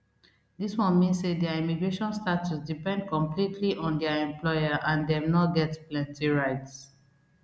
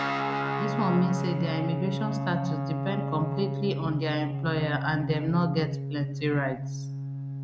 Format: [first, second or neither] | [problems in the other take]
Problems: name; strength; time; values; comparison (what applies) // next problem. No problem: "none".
first | background sound (Guitar); 1 dB below the speech